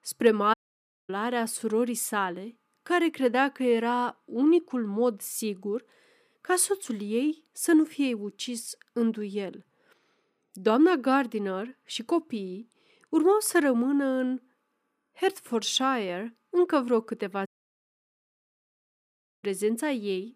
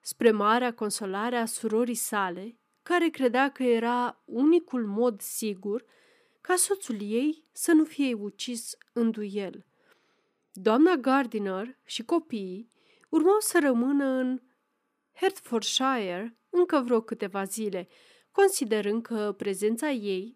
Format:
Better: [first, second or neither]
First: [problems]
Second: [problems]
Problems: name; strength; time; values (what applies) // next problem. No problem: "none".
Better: second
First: audio cutting out; at 0.5 s for 0.5 s and at 17 s for 2 s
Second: none